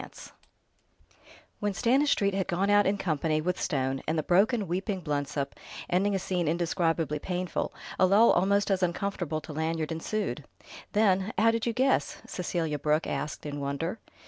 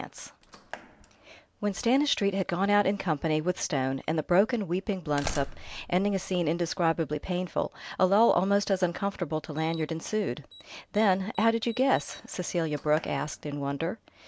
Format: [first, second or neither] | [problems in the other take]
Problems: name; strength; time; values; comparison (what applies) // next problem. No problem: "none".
first | background sound (Slam); 19 dB below the speech